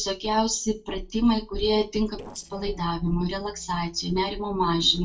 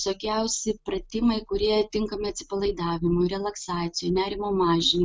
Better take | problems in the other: second | noise reduction (neural separator model SepFormer DNS4)

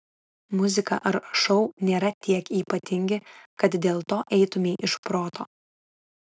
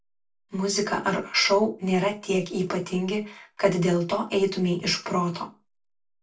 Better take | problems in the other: first | room echo; dies away in 0.2 s

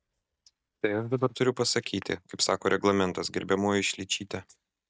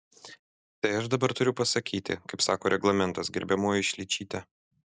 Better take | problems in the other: second | noise reduction (neural mask model DeepFilterNet 3)

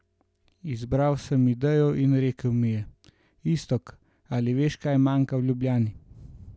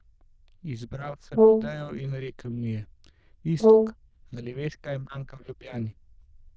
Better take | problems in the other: first | noise reduction (neural diffusion model UNIVERSE++)

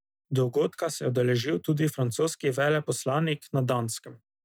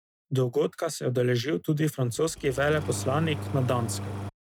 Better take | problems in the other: first | noise reduction (neural mask model RNNoise)

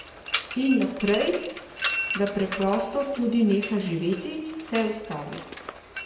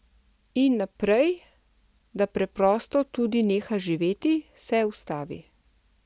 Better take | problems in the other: second | background sound (Mechanisms); 8 dB below the speech // room echo; dies away in 1 s

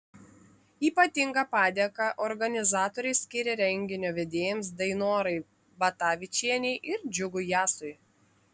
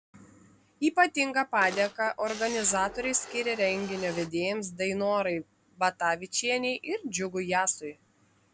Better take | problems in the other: first | background sound (Camera); 13 dB below the speech

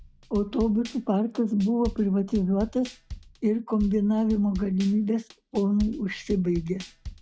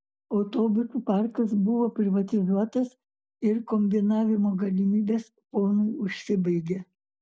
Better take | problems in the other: second | background sound (Drum / Drum kit); 15 dB below the speech

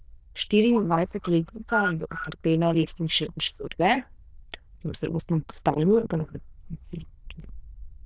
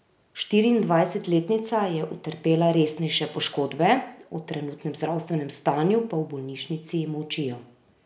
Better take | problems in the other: second | noise reduction (neural diffusion model UNIVERSE++)

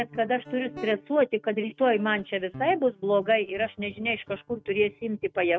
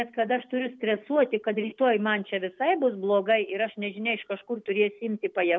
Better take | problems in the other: second | noise reduction (neural mask model RNNoise)

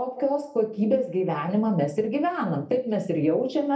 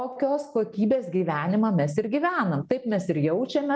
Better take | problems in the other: second | room echo; dies away in 0.3 s

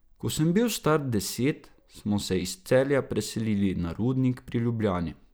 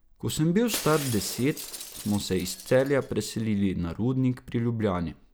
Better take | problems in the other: first | background sound (Shatter); 14 dB below the speech

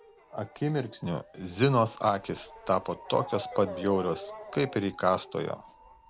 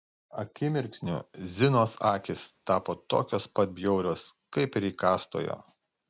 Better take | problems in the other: second | background sound (Motor vehicle (road) / Siren); 15 dB below the speech

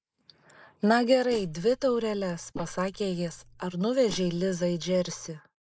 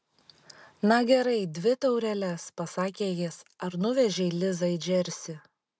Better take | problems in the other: second | noise reduction (neural mask model Resemble Enhance denoiser)

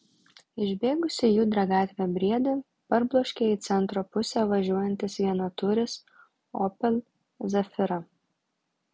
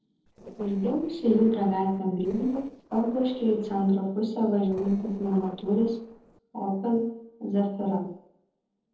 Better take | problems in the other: first | noise reduction (neural separator model SepFormer DNS4)

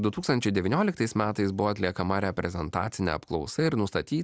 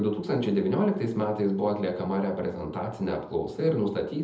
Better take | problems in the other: first | room echo; dies away in 0.7 s

